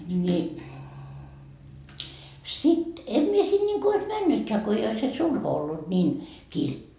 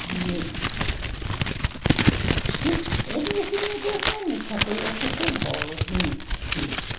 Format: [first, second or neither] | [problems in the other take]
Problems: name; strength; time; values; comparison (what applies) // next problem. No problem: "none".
first | background sound (Crumpling, crinkling); 4 dB above the speech